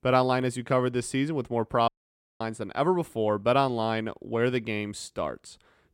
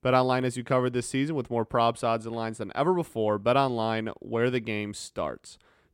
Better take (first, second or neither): second